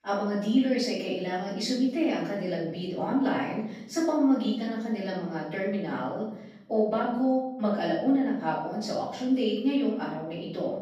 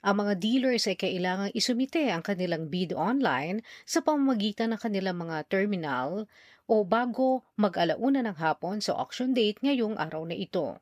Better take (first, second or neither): second